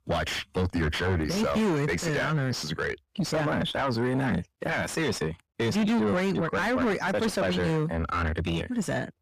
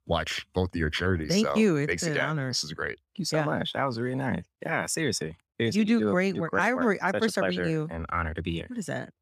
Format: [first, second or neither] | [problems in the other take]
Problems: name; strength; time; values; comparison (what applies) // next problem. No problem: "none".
second | distortion; heavy; 6 dB below the speech